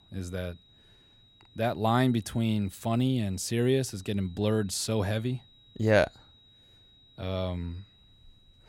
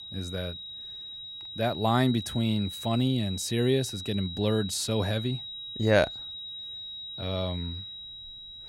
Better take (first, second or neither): first